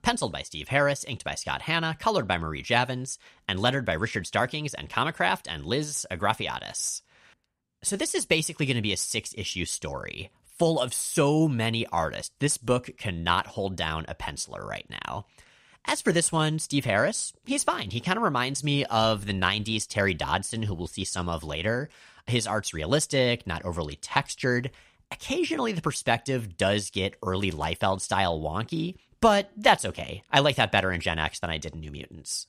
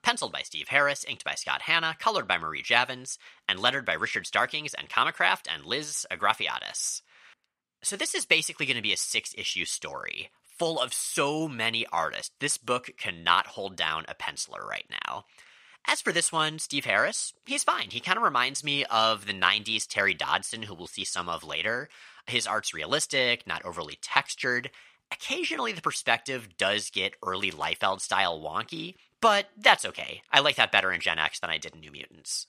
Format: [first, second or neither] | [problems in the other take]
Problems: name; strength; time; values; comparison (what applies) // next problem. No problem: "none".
first | thin; somewhat; fading below 1 kHz